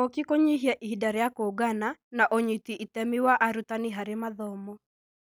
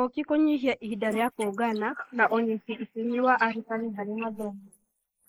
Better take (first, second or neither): first